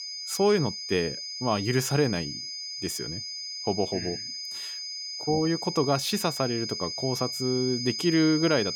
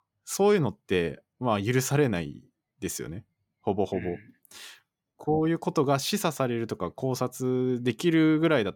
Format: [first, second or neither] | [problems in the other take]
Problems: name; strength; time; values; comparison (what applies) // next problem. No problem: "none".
second | high-pitched whine; loud; throughout; 5 kHz, 5 dB below the speech